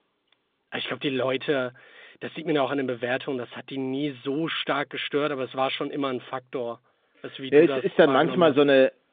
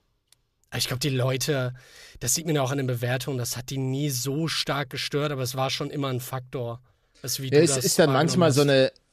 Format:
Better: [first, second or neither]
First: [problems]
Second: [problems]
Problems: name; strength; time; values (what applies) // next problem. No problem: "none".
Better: second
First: phone-call audio; nothing above 3.5 kHz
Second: none